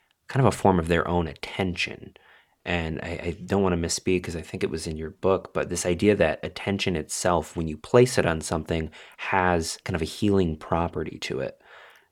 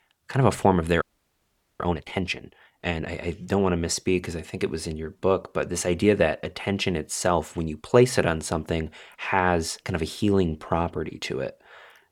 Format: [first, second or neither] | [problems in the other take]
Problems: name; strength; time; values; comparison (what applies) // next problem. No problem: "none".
first | audio freezing; at 1 s for 1 s